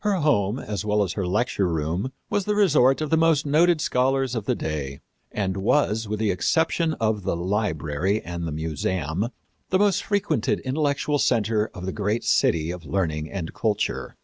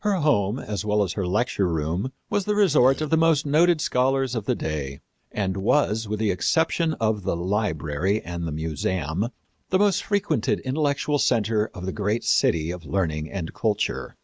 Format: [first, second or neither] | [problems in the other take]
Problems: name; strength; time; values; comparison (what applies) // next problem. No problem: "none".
first | background sound (Burping, eructation); 18 dB below the speech